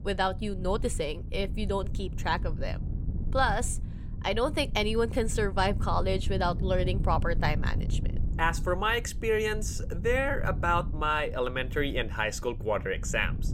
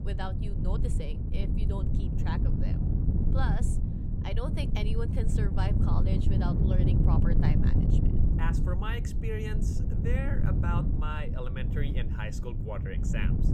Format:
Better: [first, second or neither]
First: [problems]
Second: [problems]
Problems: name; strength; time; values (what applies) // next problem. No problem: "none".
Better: first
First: wind noise on the microphone; occasional gusts; 20 dB below the speech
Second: wind noise on the microphone; heavy; 1 dB below the speech